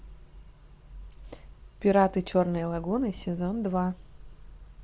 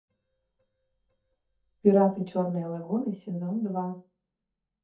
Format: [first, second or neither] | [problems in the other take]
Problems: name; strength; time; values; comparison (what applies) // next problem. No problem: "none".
first | noise reduction (neural mask model DeepFilterNet 3)